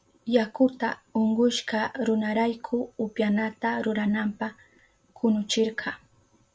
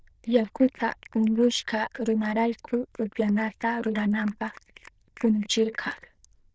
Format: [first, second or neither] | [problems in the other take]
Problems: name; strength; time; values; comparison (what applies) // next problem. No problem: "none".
first | noise reduction (neural diffusion model UNIVERSE++)